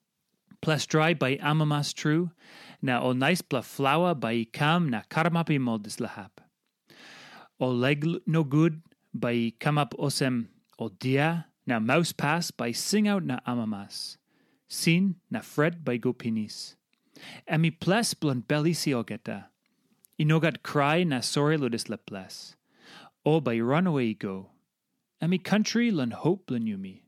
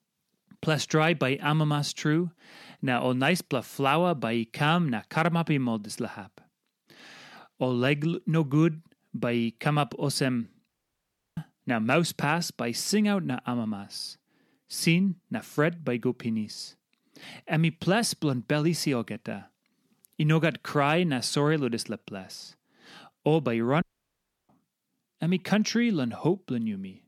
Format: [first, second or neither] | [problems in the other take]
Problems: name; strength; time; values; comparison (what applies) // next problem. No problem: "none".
first | audio cutting out; at 11 s for 0.5 s and at 24 s for 0.5 s